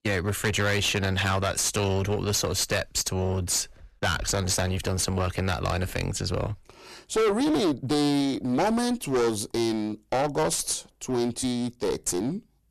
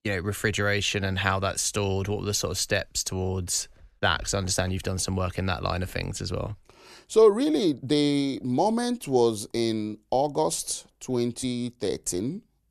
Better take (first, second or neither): second